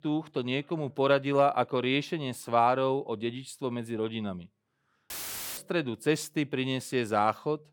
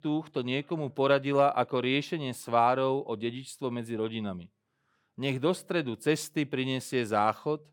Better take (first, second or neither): second